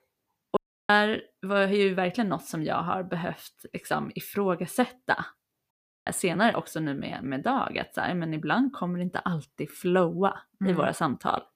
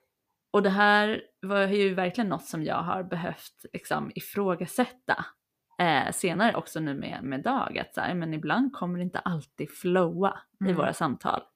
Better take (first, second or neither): second